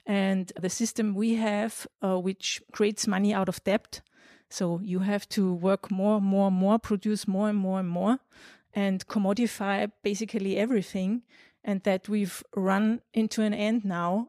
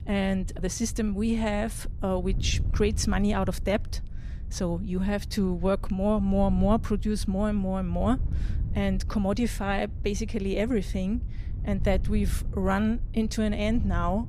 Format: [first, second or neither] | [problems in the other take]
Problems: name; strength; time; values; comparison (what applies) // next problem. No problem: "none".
first | wind noise on the microphone; occasional gusts; 20 dB below the speech